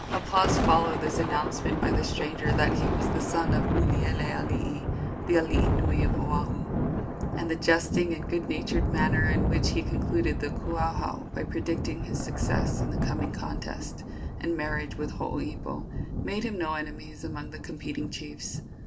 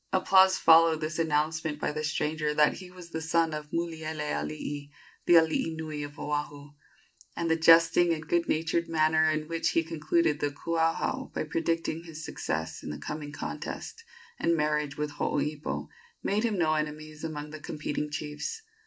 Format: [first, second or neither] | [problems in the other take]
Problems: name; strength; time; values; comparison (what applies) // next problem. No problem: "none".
second | background sound (Thunder); 3 dB above the speech